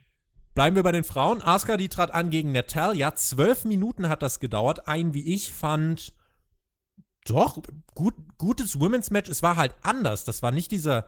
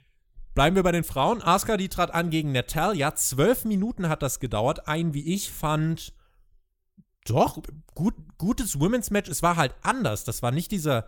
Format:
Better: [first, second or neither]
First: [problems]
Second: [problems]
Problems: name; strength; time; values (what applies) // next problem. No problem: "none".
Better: second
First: garbled, watery; slightly; nothing above 17.5 kHz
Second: none